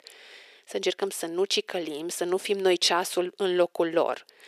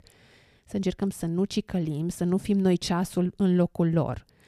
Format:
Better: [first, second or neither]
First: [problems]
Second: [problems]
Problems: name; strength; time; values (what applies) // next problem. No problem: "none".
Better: second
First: thin; very; fading below 400 Hz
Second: none